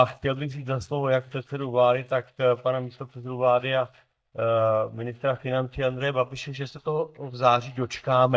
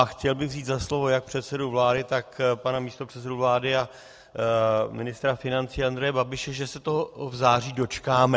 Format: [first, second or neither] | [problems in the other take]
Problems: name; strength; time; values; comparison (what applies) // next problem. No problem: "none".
second | noise reduction (neural mask model DeepFilterNet 3)